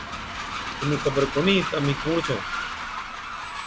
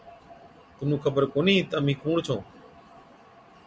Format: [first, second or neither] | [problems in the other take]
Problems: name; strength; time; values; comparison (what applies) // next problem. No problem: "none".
second | background sound (Train); 5 dB below the speech